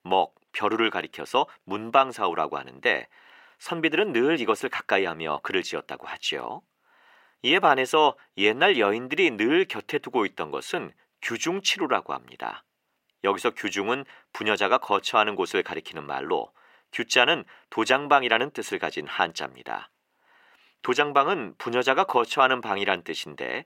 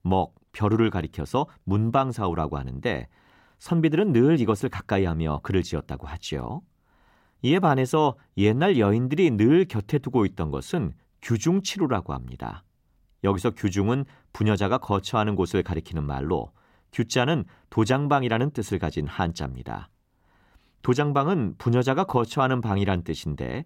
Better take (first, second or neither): second